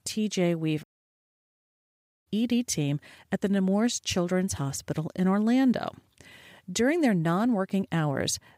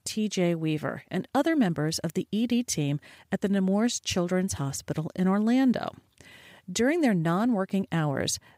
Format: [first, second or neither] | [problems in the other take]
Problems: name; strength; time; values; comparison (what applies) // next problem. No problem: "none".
second | audio cutting out; at 1 s for 1.5 s